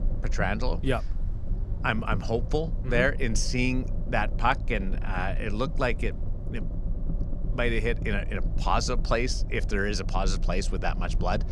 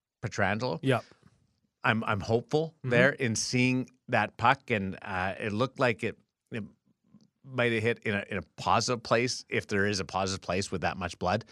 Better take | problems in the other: second | low rumble; noticeable; throughout; 15 dB below the speech

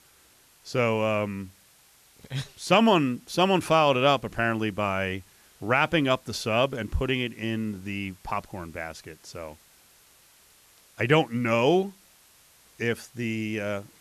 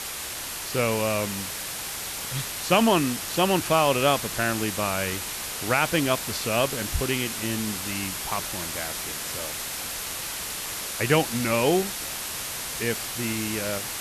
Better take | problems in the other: first | hiss; loud; throughout; 4 dB below the speech; faint in the first

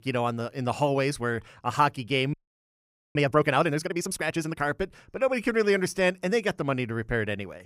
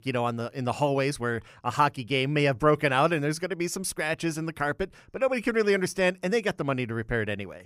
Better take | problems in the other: second | audio freezing; at 2.5 s for 1 s

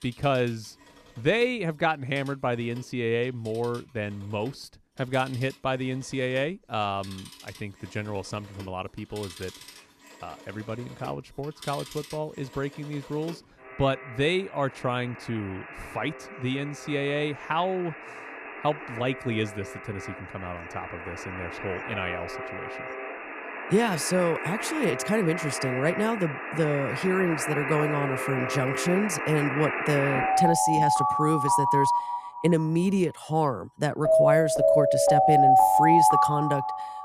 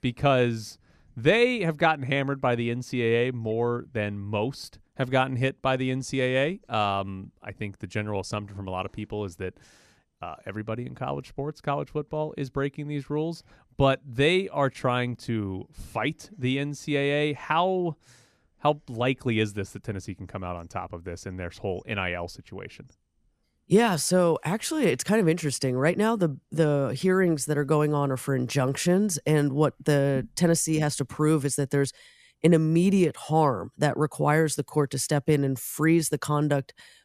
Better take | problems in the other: second | alarms or sirens; very loud; throughout; 3 dB above the speech

